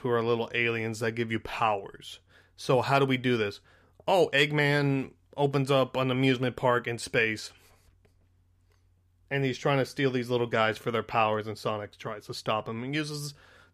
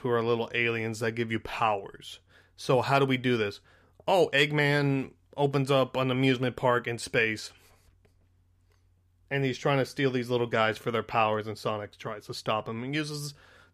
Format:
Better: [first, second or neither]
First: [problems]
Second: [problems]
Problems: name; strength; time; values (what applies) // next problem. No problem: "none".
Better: neither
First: none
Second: none